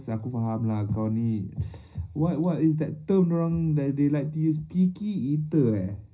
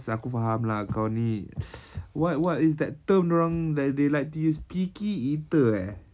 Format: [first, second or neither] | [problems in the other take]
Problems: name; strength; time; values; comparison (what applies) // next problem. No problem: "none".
second | room echo; dies away in 0.4 s